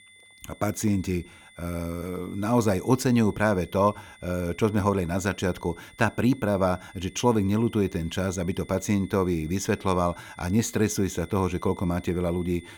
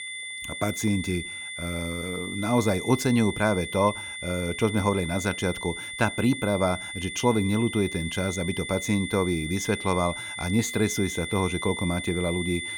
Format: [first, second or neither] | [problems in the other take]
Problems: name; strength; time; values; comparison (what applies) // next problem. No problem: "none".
first | high-pitched whine; loud; throughout; 2 kHz, 7 dB below the speech; faint in the first